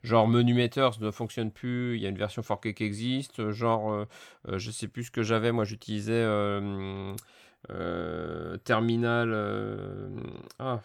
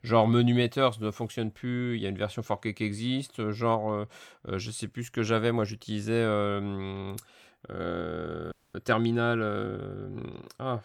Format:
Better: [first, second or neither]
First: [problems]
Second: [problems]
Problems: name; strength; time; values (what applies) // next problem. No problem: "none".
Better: first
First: none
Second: audio freezing; at 8.5 s